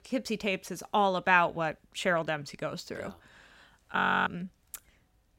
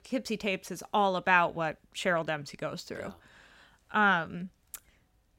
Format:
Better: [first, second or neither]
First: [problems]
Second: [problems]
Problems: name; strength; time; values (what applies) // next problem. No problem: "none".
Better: second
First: audio freezing; at 4 s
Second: none